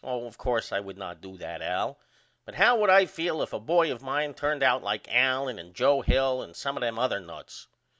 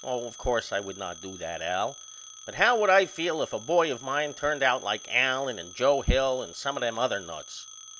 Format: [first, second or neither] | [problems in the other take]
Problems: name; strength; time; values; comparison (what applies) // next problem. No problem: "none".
first | background sound (Telephone); 18 dB below the speech